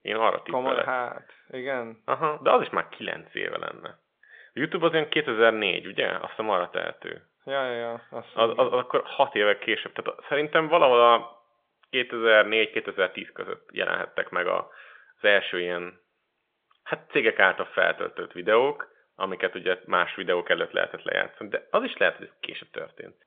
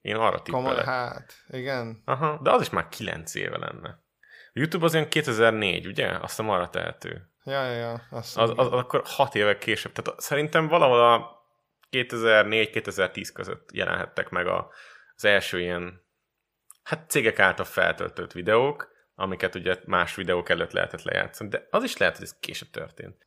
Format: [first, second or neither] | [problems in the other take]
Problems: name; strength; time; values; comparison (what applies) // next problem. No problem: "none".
second | phone-call audio; nothing above 3.5 kHz